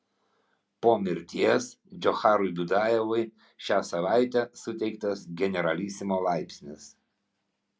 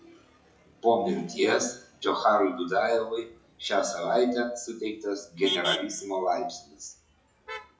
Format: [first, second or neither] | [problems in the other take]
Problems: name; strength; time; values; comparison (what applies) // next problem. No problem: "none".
first | noise reduction (classical method WPE with log-MMSE)